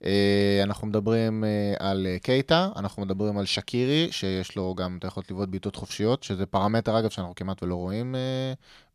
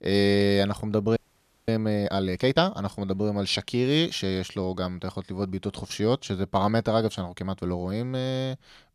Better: first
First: none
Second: audio freezing; at 1 s for 0.5 s

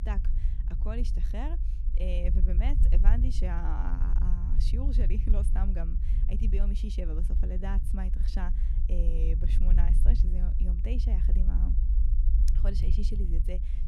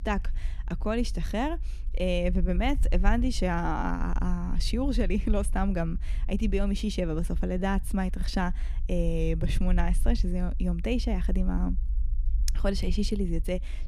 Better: second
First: low rumble; loud; throughout; 6 dB below the speech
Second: low rumble; faint; throughout; 20 dB below the speech

